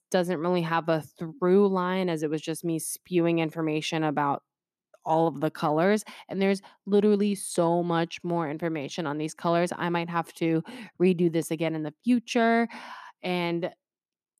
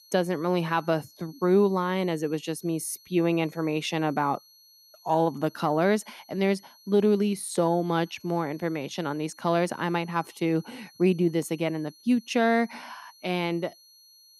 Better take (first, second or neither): first